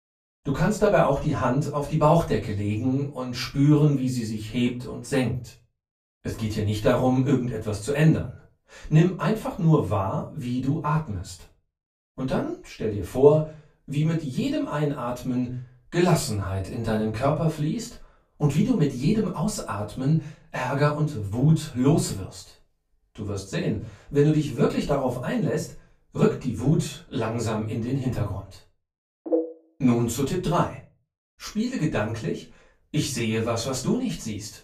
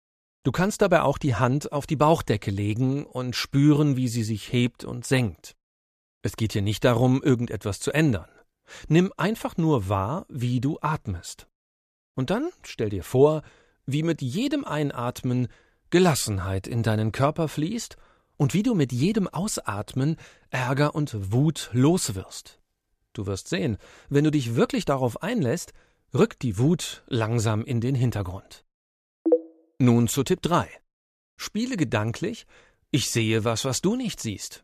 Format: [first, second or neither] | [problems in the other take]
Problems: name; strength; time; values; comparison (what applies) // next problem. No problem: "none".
second | off-mic speech; far // room echo; slight; dies away in 0.3 s